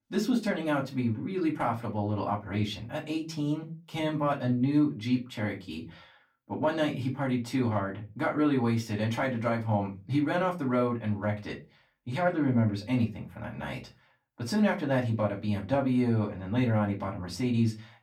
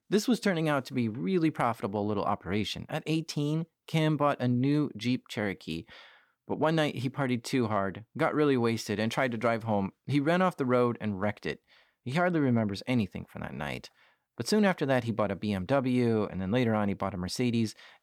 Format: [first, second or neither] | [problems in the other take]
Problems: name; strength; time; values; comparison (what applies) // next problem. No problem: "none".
second | off-mic speech; far // room echo; very slight; dies away in 0.3 s